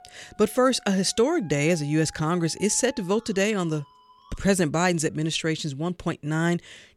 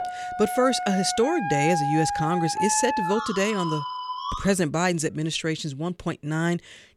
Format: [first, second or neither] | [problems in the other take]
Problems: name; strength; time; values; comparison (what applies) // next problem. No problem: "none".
first | background music; loud; until 4.5 s; 4 dB below the speech; faint in the first